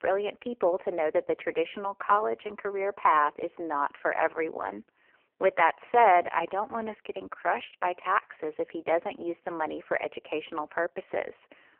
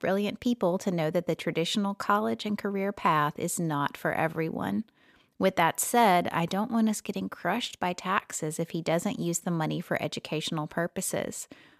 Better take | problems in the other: second | phone-call audio; poor line

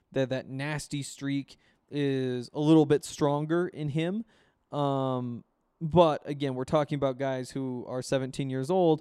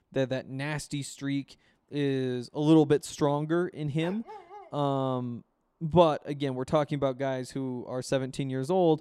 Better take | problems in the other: first | dog barking; faint; at 4 s; peak 15 dB below the speech

